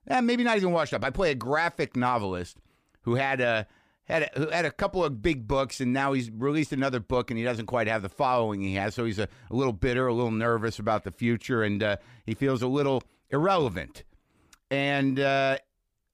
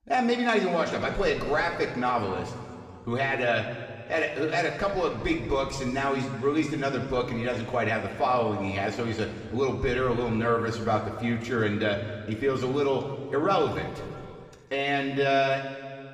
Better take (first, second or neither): first